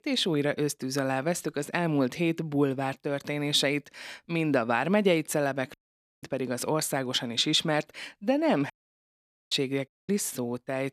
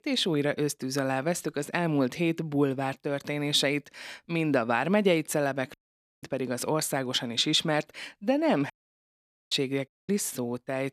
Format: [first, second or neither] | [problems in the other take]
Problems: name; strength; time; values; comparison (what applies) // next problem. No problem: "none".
neither | audio cutting out; at 5.5 s, at 8.5 s for 1 s and at 10 s; the same in both